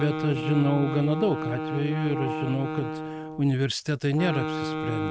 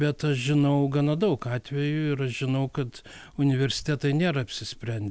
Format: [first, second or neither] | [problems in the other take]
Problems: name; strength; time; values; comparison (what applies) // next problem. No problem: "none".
second | noise reduction (neural mask model RNNoise)